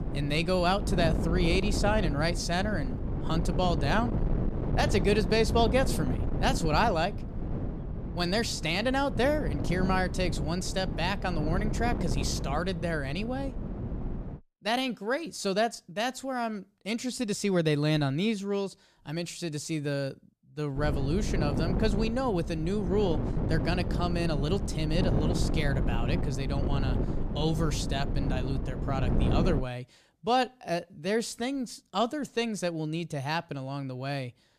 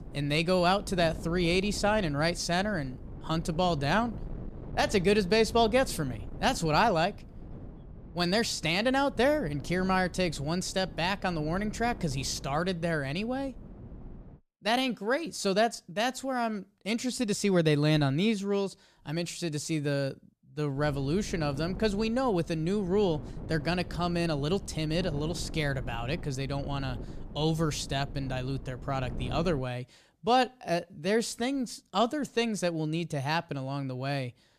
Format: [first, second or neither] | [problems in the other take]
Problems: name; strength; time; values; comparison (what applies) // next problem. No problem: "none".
second | wind noise on the microphone; heavy; until 14 s and from 21 to 30 s; 9 dB below the speech; occasional gusts in the second